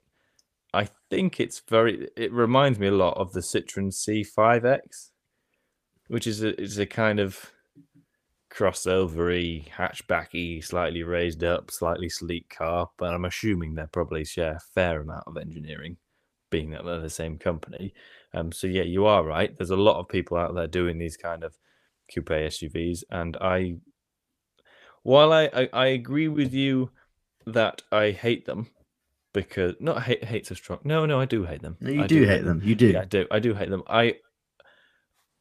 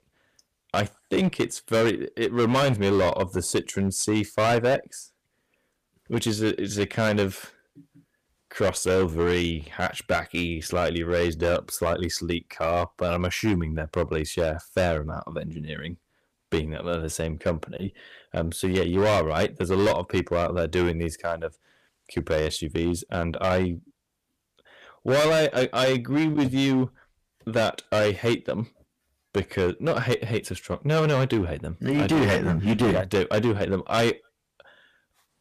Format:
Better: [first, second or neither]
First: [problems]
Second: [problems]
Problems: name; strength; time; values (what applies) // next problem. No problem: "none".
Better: first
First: none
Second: distortion; heavy; 9% of the sound clipped